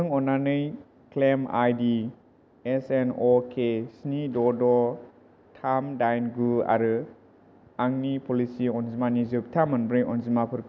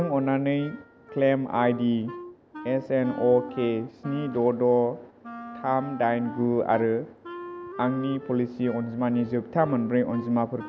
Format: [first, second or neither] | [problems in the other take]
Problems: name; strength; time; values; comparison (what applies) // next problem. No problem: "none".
first | background sound (Wind instrument, woodwind instrument); 15 dB below the speech